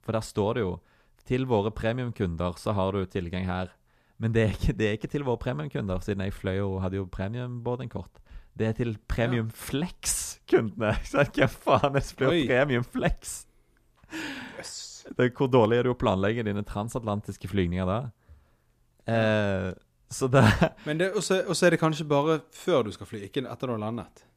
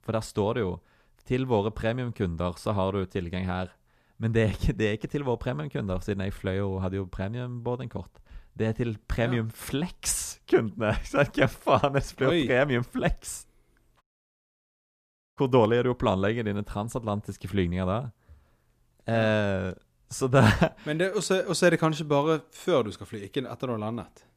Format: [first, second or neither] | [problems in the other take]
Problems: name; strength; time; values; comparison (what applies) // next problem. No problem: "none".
first | audio cutting out; at 14 s for 1.5 s